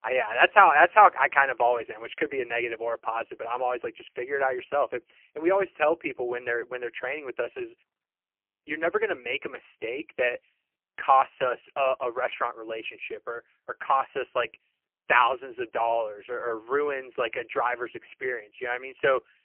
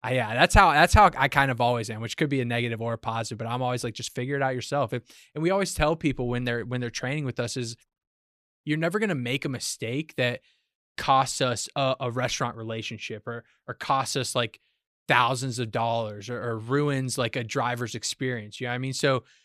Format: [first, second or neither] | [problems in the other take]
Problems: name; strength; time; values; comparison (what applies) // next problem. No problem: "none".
second | phone-call audio; poor line; nothing above 3 kHz